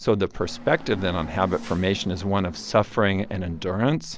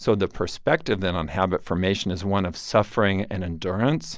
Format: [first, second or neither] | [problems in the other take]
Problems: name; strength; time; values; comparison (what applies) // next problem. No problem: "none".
second | background sound (Hiss / Bus / Engine); 17 dB below the speech